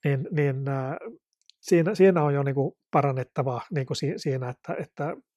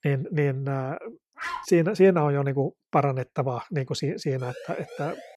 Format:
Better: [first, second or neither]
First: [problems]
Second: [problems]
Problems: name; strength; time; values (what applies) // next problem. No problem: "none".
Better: first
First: none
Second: dog barking; noticeable; at 1.5 s; peak 8 dB below the speech // siren; faint; at 4.5 s; peak 15 dB below the speech